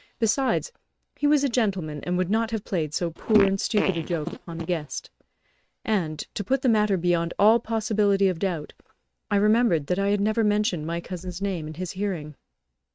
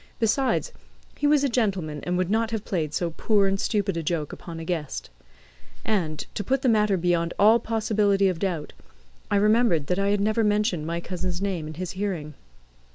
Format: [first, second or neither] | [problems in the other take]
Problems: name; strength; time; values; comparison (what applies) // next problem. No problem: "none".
second | noise reduction (neural mask model RNNoise)